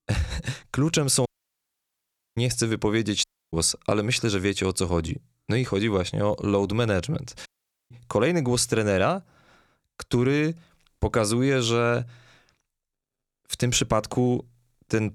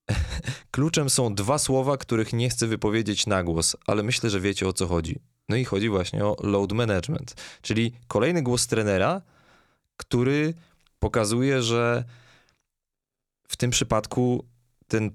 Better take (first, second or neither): second